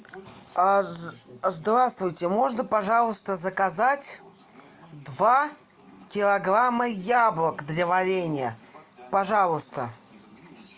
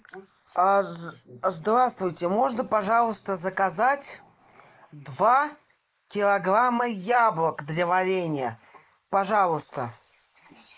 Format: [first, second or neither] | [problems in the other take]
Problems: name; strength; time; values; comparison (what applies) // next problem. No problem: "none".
first | noise reduction (neural mask model Resemble Enhance denoiser)